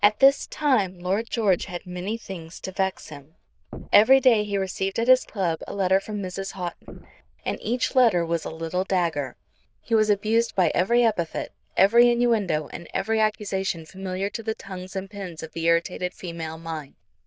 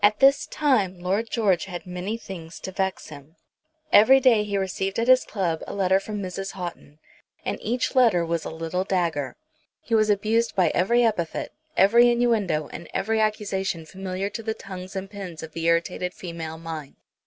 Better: second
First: noise reduction (neural diffusion model UNIVERSE++)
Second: none

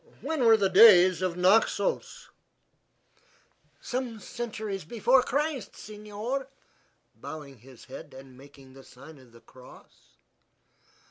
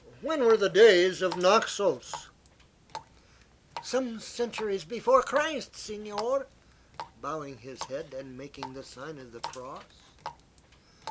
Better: first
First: none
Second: background sound (Water tap, faucet); 18 dB below the speech

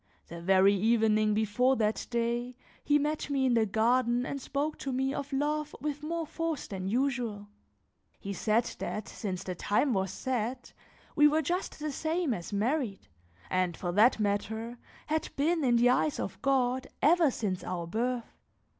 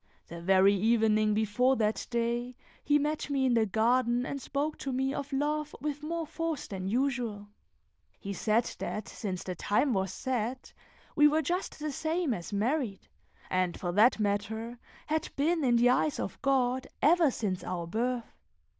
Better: first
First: none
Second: noise reduction (neural diffusion model UNIVERSE++)

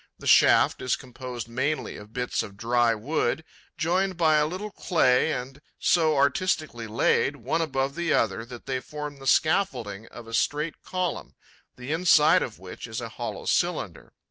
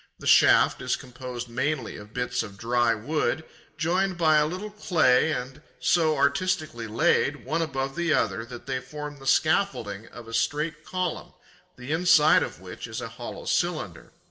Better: first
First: none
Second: room echo; dies away in 0.7 s

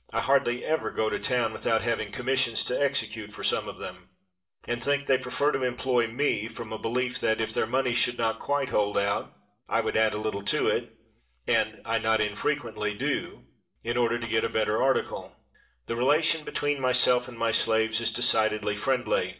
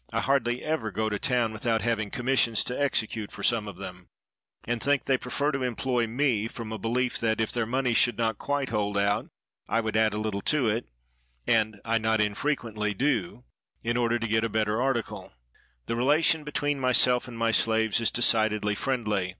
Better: second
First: room echo; dies away in 0.4 s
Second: none

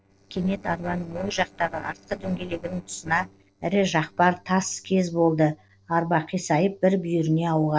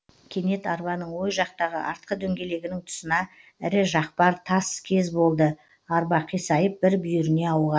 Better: second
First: noise reduction (neural separator model SepFormer DNS4)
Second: none

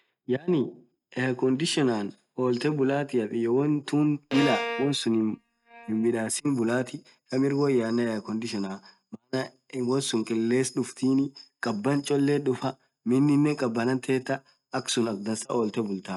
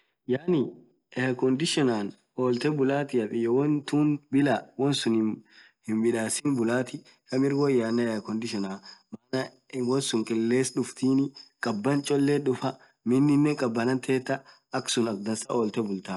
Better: second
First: noise reduction (neural mask model RNNoise)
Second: none

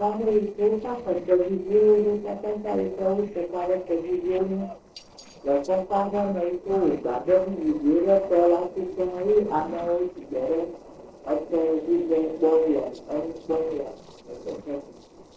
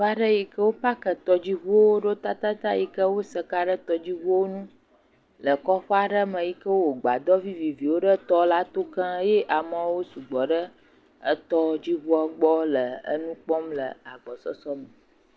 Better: second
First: noise reduction (neural separator model SepFormer DNS4)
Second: none

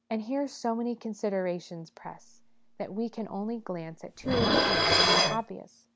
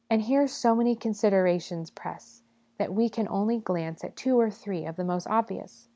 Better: second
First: background sound (Dishes, pots, and pans); 5 dB above the speech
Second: none

